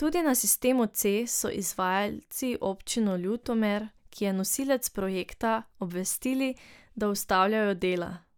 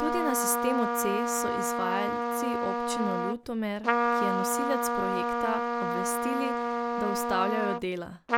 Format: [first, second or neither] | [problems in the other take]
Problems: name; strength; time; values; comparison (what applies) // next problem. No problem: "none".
first | background sound (Trumpet); 4 dB above the speech